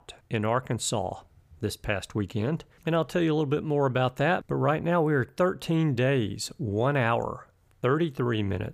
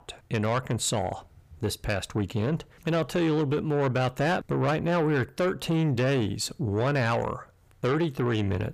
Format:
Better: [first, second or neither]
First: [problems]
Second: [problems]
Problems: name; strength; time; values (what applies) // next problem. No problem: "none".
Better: first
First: none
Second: distortion; slight; 10 dB below the speech